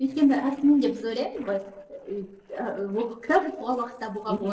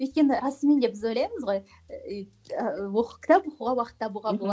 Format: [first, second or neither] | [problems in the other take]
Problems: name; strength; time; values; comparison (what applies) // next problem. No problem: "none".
second | noise reduction (neural separator model SepFormer DNS4)